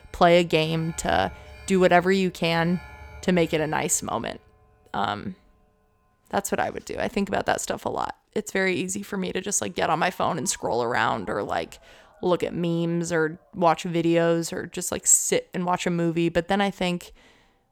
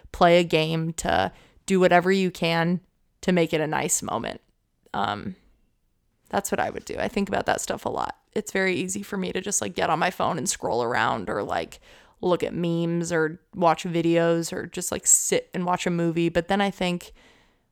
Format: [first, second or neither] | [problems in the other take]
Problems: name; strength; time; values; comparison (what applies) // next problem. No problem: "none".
second | alarms or sirens; faint; throughout; 25 dB below the speech